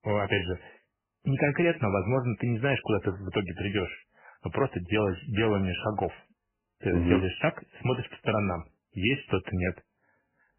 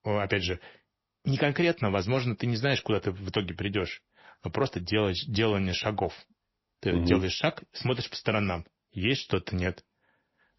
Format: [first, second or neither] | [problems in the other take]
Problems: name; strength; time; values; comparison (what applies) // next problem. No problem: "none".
second | garbled, watery; badly; nothing above 3 kHz; slightly in the second